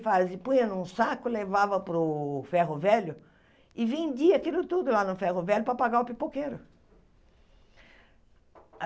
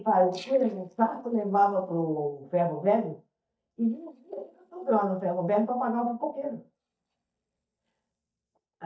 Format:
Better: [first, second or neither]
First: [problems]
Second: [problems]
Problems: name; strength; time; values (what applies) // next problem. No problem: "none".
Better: first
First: none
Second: noise reduction (neural mask model DeepFilterNet 3)